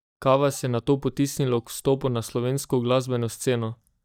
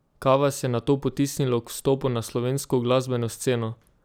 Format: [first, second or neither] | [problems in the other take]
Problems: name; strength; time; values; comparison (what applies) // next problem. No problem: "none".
second | noise reduction (neural mask model DeepFilterNet 3)